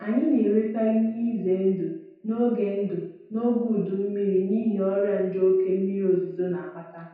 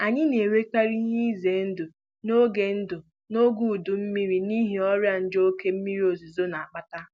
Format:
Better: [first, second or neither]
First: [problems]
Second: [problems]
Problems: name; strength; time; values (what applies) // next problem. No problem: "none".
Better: second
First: room echo; dies away in 0.8 s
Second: none